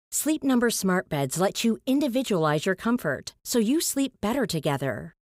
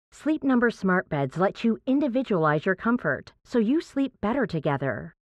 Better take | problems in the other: first | muffled; very; fading above 2 kHz

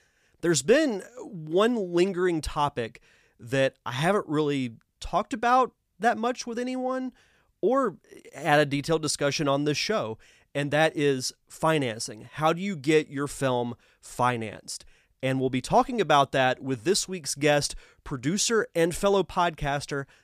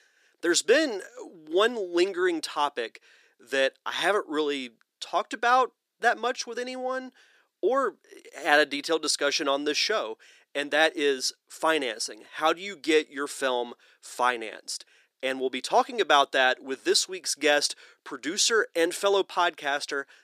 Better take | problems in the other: first | thin; somewhat; fading below 350 Hz

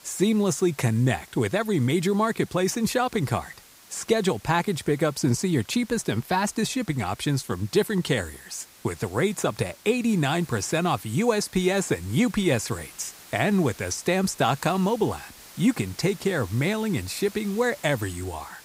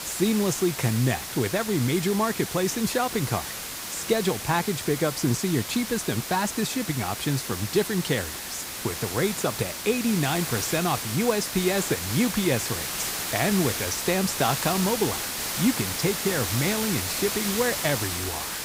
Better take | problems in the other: first | hiss; loud; throughout; 3 dB below the speech; faint in the first

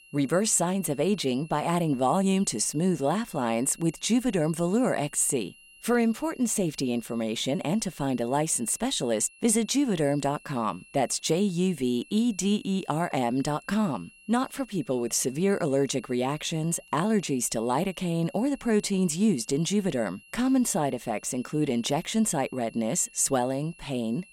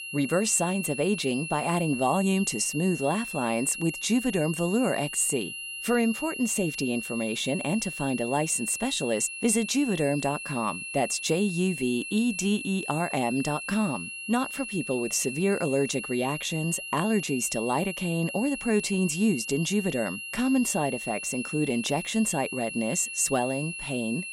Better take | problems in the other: first | high-pitched whine; loud; throughout; 2.5 kHz, 7 dB below the speech; faint in the first

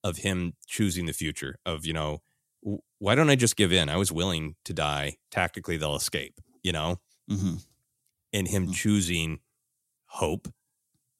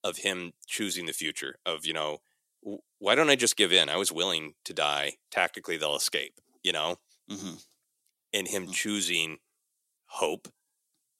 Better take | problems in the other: first | thin; somewhat; fading below 400 Hz

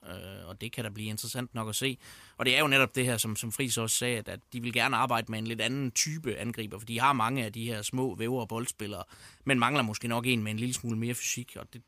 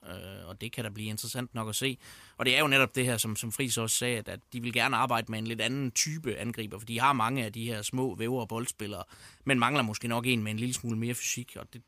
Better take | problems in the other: neither | none

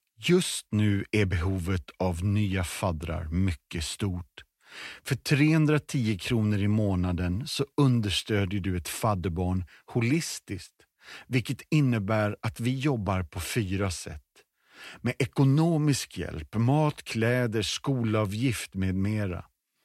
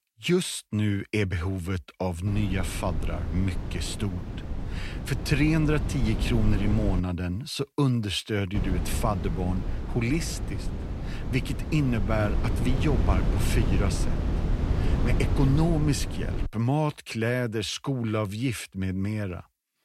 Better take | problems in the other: first | wind noise on the microphone; heavy; from 2.5 to 7 s and from 8.5 to 16 s; 7 dB below the speech

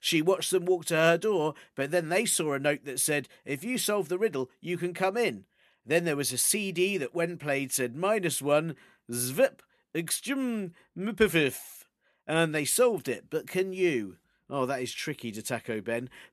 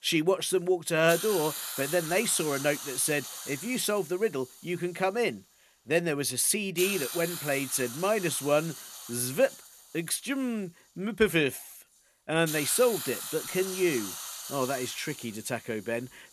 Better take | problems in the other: first | hiss; loud; throughout; 8 dB below the speech

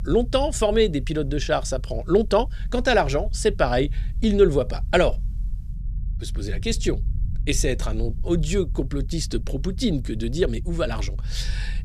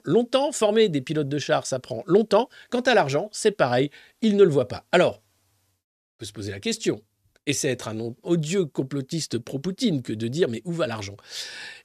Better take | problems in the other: second | low rumble; faint; throughout; 25 dB below the speech

